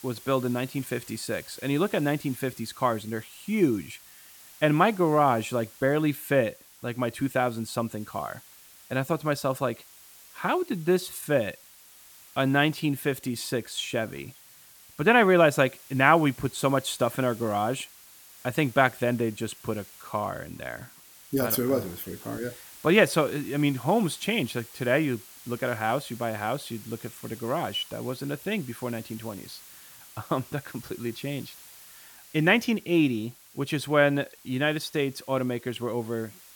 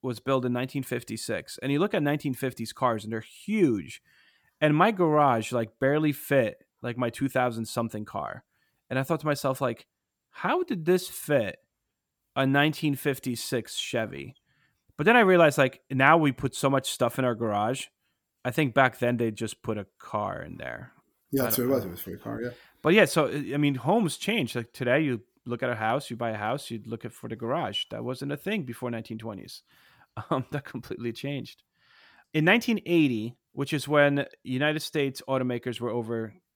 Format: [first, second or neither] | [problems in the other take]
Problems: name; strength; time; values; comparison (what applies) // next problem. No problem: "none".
second | hiss; noticeable; throughout; 20 dB below the speech